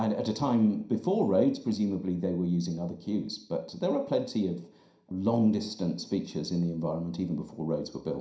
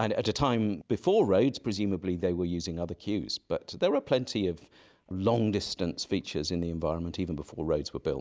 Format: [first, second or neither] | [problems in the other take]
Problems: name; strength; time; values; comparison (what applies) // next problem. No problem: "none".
second | room echo; dies away in 0.5 s